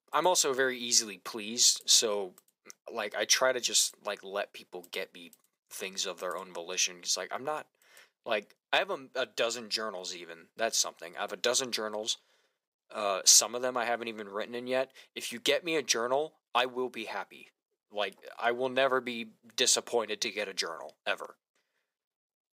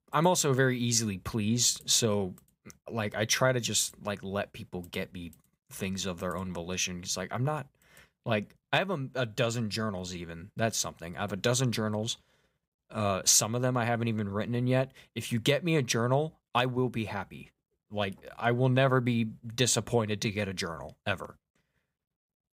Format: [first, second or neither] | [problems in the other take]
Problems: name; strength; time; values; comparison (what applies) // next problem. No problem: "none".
second | thin; somewhat; fading below 350 Hz